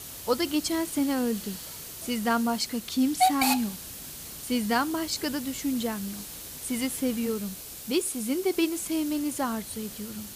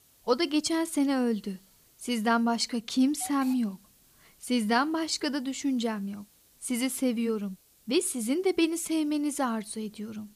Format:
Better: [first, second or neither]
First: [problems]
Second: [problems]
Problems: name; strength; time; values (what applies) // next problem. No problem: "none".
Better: second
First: hiss; loud; throughout; 6 dB below the speech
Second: hiss; faint; throughout; 25 dB below the speech